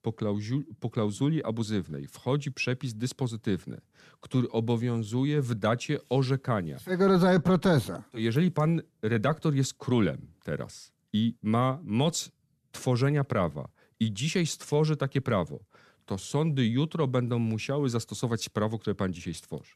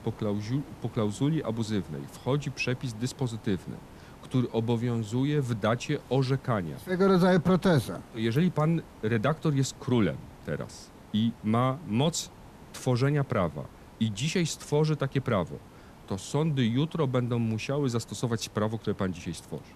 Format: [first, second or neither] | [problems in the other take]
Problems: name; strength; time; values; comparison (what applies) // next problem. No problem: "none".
first | hiss; faint; throughout; 20 dB below the speech